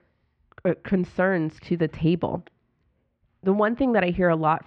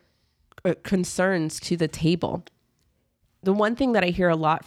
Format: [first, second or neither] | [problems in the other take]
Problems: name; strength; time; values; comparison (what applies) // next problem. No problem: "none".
second | muffled; very; fading above 2.5 kHz